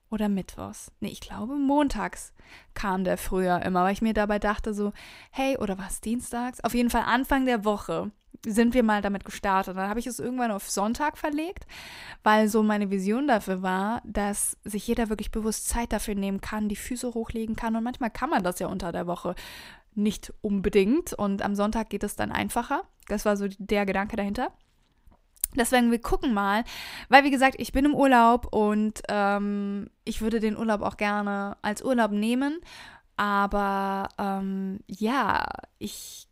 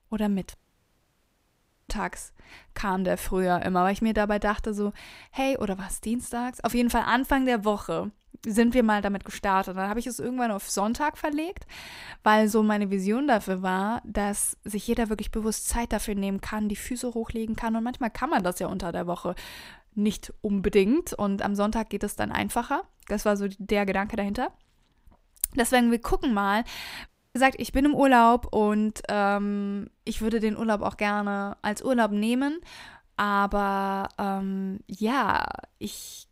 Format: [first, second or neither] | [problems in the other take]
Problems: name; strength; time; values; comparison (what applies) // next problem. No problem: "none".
first | audio cutting out; at 0.5 s for 1.5 s and at 27 s